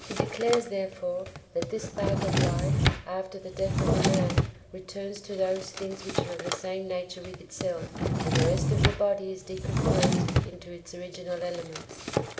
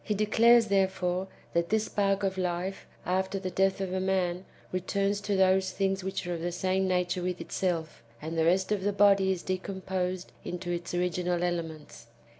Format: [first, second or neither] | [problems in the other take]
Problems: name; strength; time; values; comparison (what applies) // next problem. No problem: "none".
second | background sound (Drawer open or close); 3 dB above the speech // room echo; dies away in 2.6 s